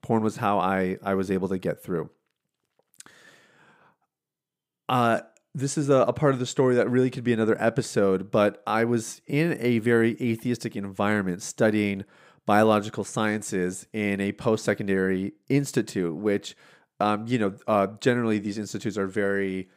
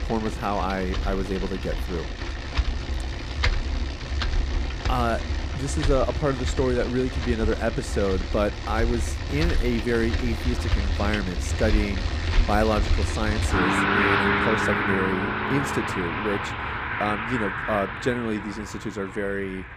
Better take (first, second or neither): first